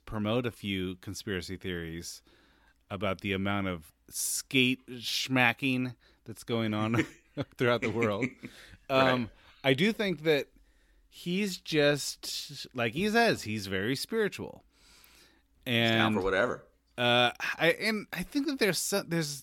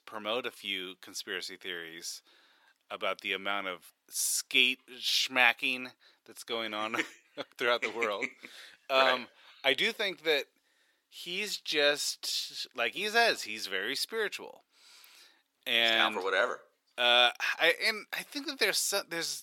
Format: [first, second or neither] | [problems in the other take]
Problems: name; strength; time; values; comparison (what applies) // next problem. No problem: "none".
first | thin; somewhat; fading below 550 Hz